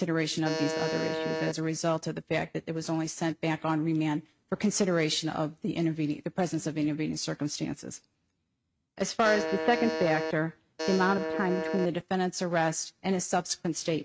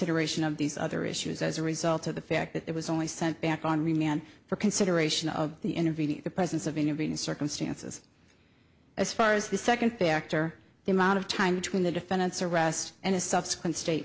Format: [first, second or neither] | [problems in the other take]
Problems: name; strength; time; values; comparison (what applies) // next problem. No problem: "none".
second | noise reduction (neural mask model RNNoise)